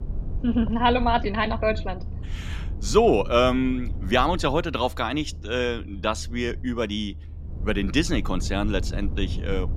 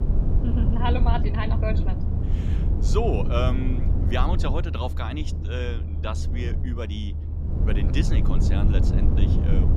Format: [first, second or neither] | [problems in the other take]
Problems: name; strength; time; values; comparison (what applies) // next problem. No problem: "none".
first | low rumble; loud; throughout; 6 dB below the speech; faint in the first